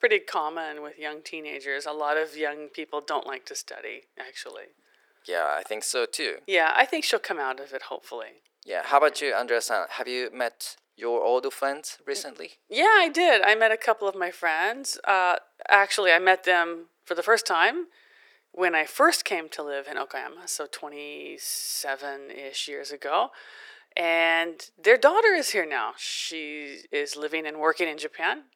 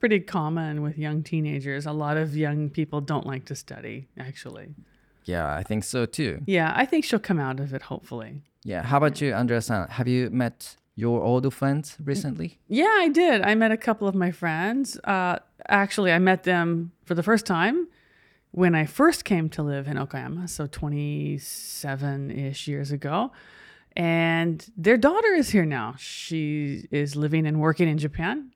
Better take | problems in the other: second | thin; very; fading below 400 Hz

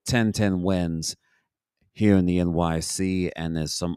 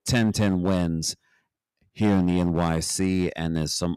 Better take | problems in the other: first | distortion; slight; 4% of the sound clipped

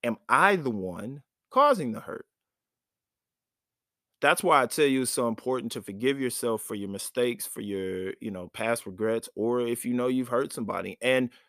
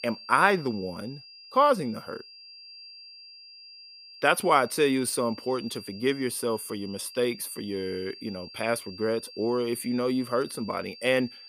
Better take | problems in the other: first | high-pitched whine; noticeable; throughout; 4.5 kHz, 15 dB below the speech

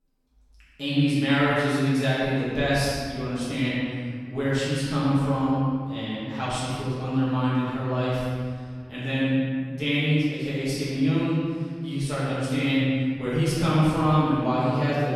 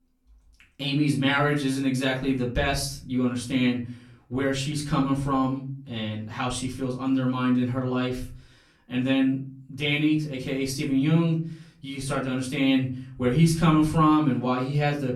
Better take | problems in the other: second | room echo; strong; dies away in 2.1 s; slight in the second // off-mic speech; far; far in the second

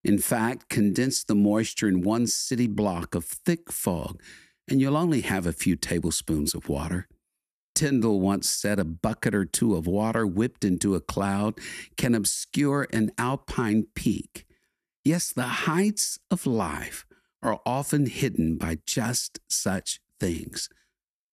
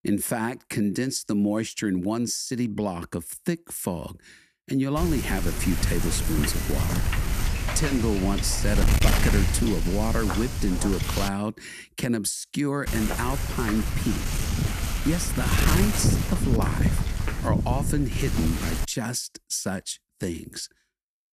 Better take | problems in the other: first | wind noise on the microphone; heavy; from 5 to 11 s and from 13 to 19 s; 2 dB below the speech

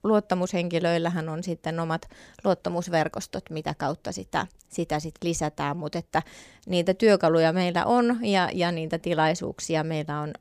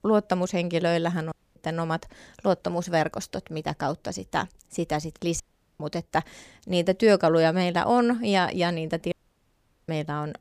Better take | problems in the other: first | audio cutting out; at 1.5 s, at 5.5 s and at 9 s for 1 s

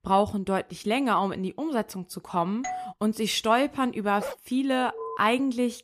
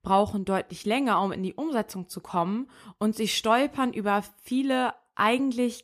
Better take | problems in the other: second | doorbell; noticeable; at 2.5 s; peak 8 dB below the speech // dog barking; faint; at 4 s; peak 10 dB below the speech // alarm; faint; at 5 s; peak 10 dB below the speech

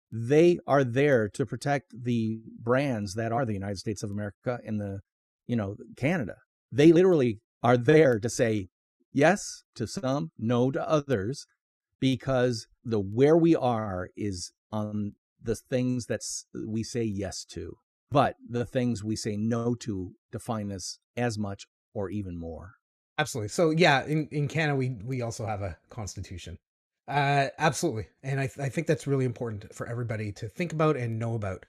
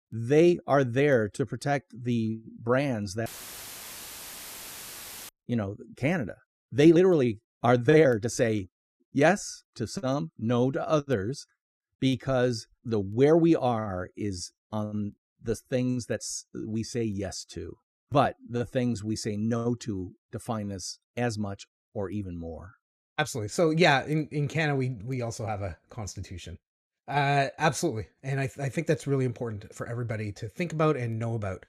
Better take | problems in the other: first | audio cutting out; filled with static; at 3.5 s for 2 s

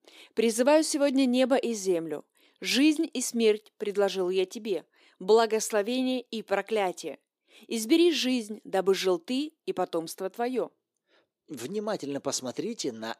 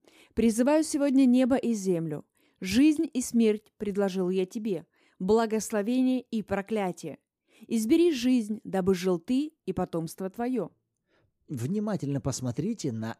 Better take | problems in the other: second | thin; somewhat; fading below 400 Hz

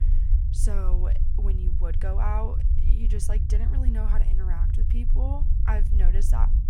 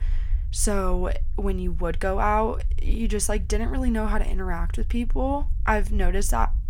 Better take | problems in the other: second | low rumble; loud; throughout; 6 dB below the speech; faint in the second

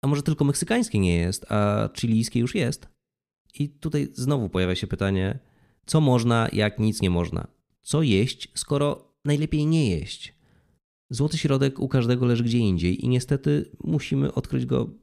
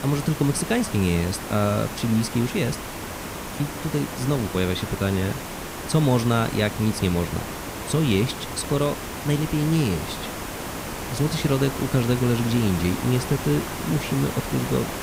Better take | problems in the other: first | hiss; loud; throughout; 7 dB below the speech

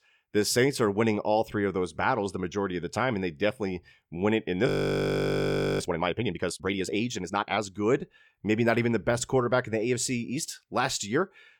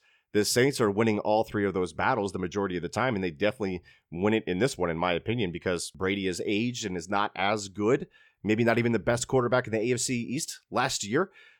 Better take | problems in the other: second | audio freezing; at 4.5 s for 1 s

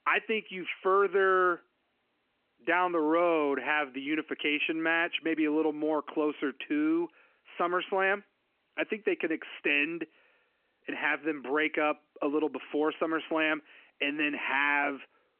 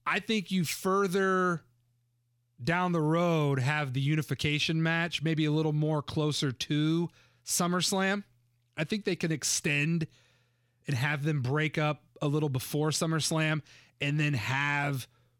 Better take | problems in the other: second | phone-call audio; nothing above 3 kHz

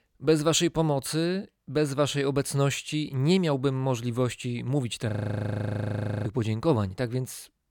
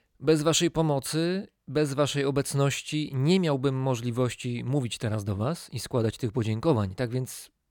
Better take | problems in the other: second | audio freezing; at 5 s for 1 s

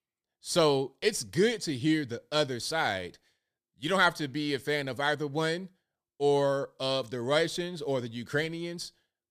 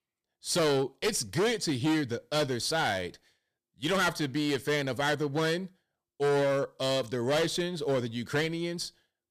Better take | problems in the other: first | distortion; heavy; 11% of the sound clipped

